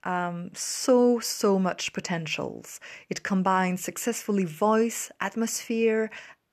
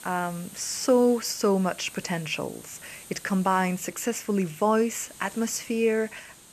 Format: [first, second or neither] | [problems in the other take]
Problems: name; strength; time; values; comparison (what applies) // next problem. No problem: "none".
first | hiss; noticeable; throughout; 20 dB below the speech